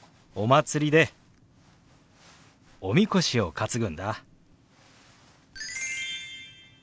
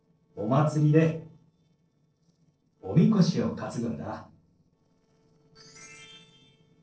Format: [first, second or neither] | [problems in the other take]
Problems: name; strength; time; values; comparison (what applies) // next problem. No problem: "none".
first | noise reduction (neural separator model SepFormer DNS4)